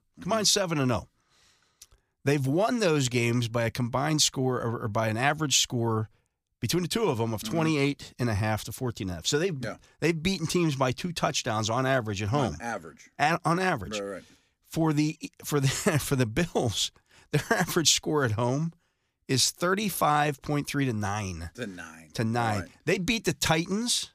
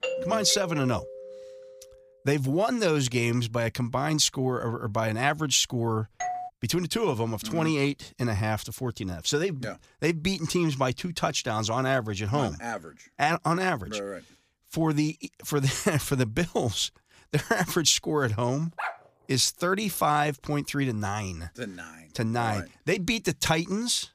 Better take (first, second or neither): first